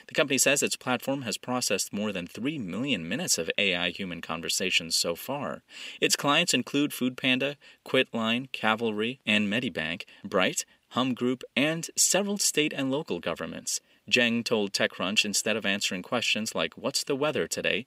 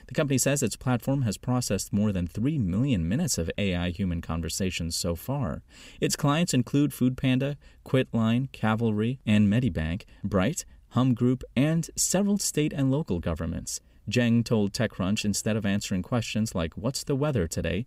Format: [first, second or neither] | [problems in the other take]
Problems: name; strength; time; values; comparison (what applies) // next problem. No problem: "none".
second | thin; somewhat; fading below 300 Hz